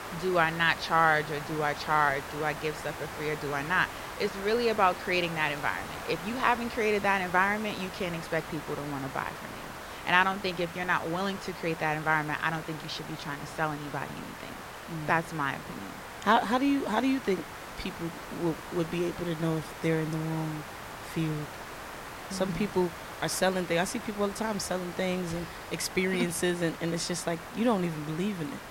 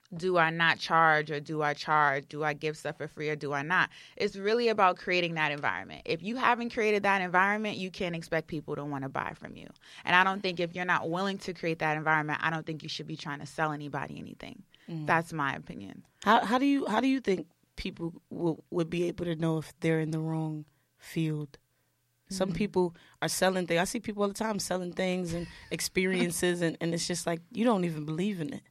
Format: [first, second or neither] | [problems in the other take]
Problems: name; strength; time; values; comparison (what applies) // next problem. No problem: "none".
second | hiss; noticeable; throughout; 10 dB below the speech